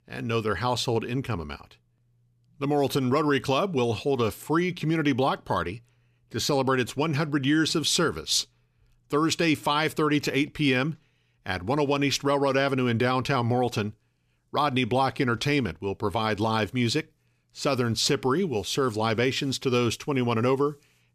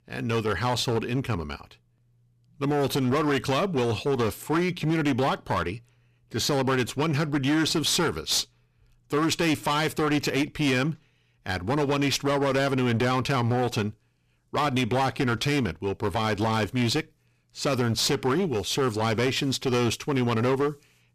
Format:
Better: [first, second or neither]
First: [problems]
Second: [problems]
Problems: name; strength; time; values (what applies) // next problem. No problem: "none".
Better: first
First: none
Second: distortion; slight; 13% of the sound clipped